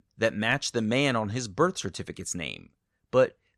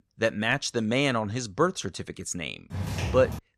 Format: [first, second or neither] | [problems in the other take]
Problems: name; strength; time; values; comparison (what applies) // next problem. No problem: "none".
first | footsteps; noticeable; at 2.5 s; peak 3 dB below the speech